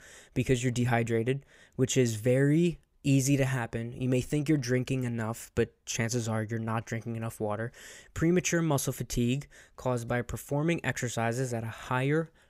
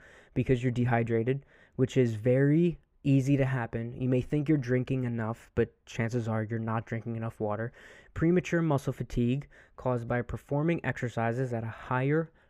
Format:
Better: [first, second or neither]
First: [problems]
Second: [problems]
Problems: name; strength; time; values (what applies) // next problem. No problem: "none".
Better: first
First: none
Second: muffled; very; fading above 3.5 kHz